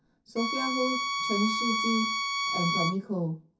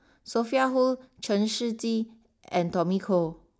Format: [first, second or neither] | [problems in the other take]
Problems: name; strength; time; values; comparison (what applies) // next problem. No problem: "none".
second | background sound (Bowed string instrument); 1 dB above the speech // room echo; dies away in 0.3 s